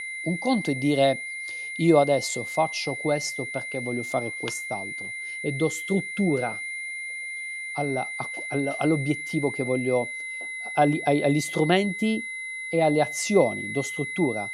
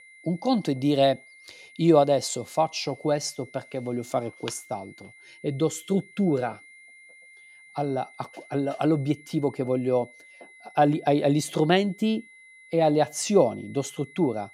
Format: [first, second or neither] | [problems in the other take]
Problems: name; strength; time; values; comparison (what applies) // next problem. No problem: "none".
second | high-pitched whine; loud; throughout; 2 kHz, 6 dB below the speech; faint in the second